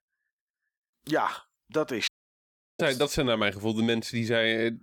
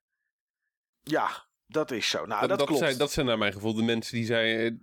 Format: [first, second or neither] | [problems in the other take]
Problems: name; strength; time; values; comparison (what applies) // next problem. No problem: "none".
second | audio cutting out; at 2 s for 0.5 s